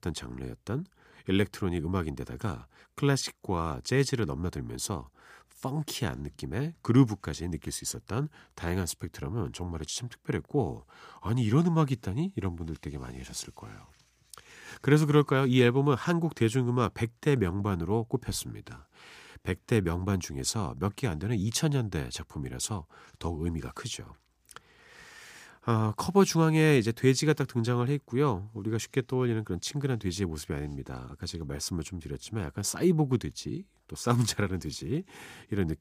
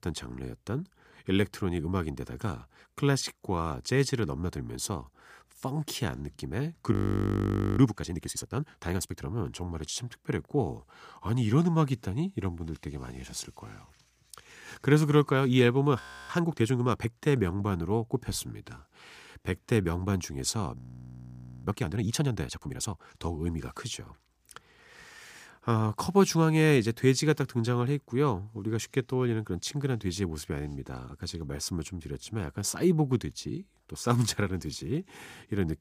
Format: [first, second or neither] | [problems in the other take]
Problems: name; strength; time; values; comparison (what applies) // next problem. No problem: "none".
first | audio freezing; at 7 s for 1 s, at 16 s and at 21 s for 1 s